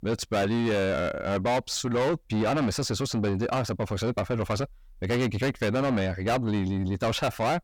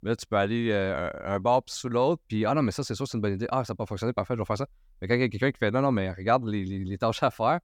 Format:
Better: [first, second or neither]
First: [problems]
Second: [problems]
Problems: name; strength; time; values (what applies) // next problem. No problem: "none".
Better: second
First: distortion; heavy; 6 dB below the speech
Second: none